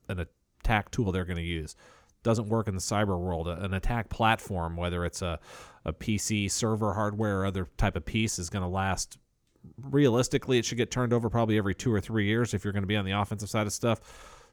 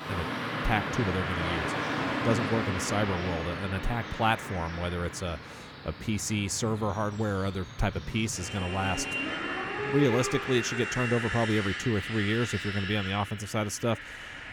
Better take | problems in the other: first | traffic noise; loud; throughout; 3 dB below the speech

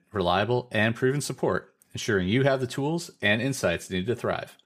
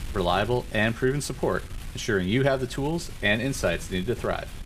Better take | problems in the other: first | wind noise on the microphone; occasional gusts; 20 dB below the speech

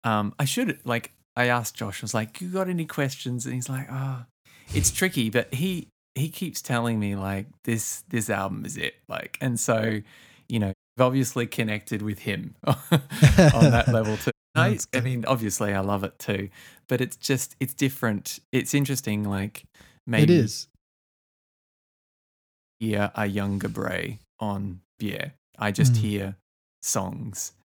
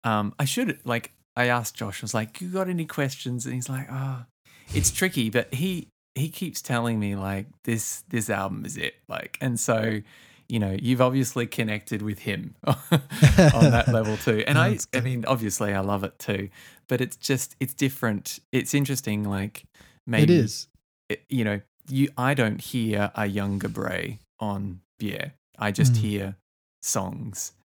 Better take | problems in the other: second | audio cutting out; at 11 s, at 14 s and at 21 s for 2 s

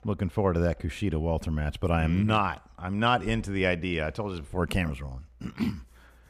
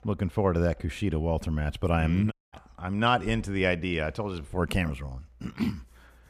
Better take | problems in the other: first | audio cutting out; at 2.5 s

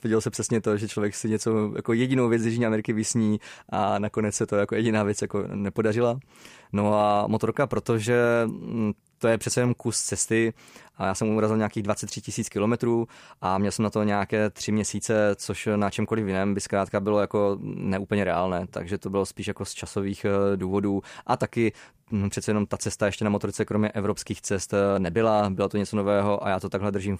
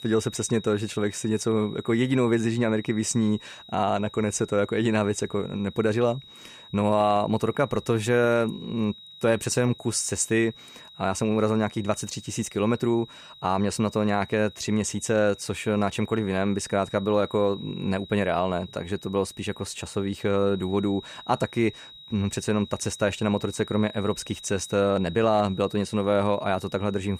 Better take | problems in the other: first | high-pitched whine; noticeable; throughout; 4 kHz, 20 dB below the speech

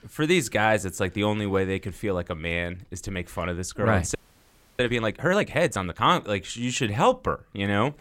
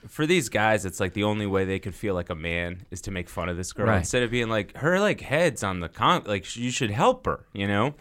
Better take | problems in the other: second | audio freezing; at 4 s for 0.5 s

